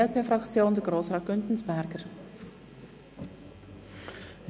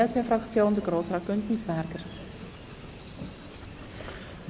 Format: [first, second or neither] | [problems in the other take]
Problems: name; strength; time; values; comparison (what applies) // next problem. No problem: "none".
first | background sound (Chirp, tweet); 15 dB below the speech